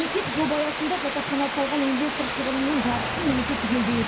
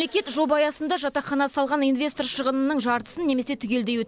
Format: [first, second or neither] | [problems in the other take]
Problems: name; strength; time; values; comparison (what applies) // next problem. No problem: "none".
second | background sound (Water); 3 dB below the speech // room echo; dies away in 0.4 s